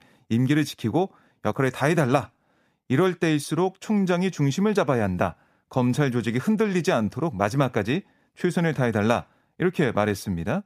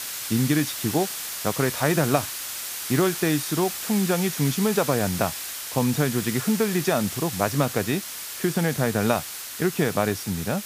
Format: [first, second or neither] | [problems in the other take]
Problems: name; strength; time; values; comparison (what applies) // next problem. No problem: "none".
first | hiss; loud; throughout; 6 dB below the speech